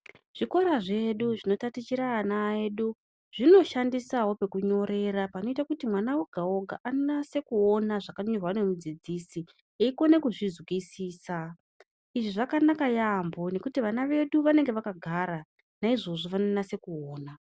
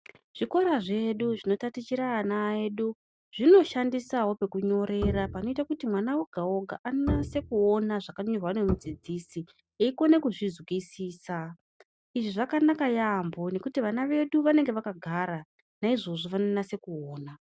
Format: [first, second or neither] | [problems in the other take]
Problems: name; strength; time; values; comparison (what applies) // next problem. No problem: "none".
first | noise reduction (neural mask model RNNoise)